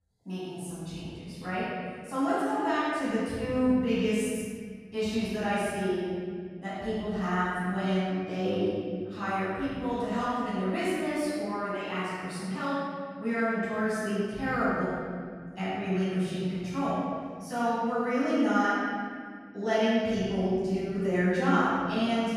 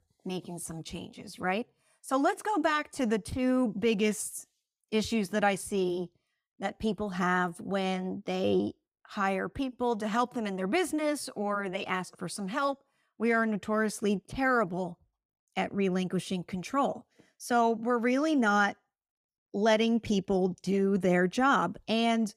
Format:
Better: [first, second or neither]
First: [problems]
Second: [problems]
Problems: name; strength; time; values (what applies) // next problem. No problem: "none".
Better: second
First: room echo; strong; dies away in 2.5 s // off-mic speech; far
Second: none